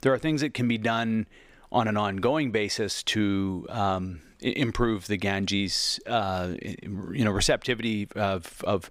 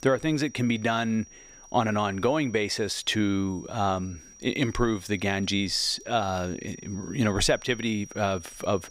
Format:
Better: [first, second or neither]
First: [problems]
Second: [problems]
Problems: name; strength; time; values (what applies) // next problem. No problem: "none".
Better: first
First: none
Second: high-pitched whine; noticeable; throughout; 5.5 kHz, 20 dB below the speech